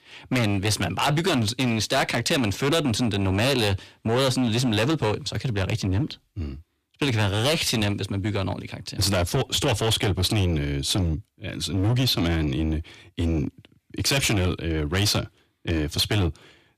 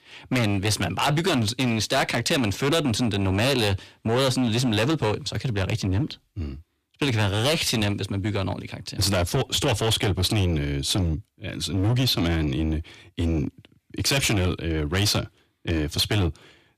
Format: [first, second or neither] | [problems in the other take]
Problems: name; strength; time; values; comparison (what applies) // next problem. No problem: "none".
neither | distortion; heavy; 14% of the sound clipped; the same in both